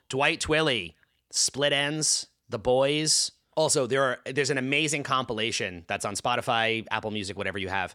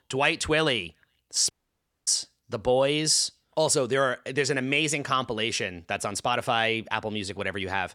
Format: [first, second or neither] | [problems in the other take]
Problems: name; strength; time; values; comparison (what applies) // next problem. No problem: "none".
first | audio cutting out; at 1.5 s for 0.5 s